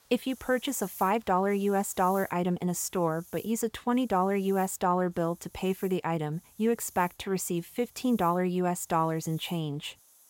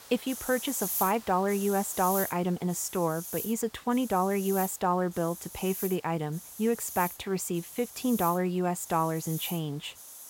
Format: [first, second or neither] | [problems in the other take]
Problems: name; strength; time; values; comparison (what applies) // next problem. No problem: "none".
first | hiss; loud; throughout; 8 dB below the speech; faint in the first